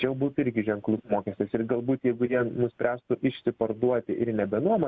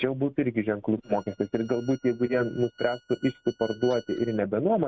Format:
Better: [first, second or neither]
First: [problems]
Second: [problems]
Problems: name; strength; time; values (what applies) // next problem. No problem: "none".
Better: first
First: none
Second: noise reduction (neural mask model RNNoise)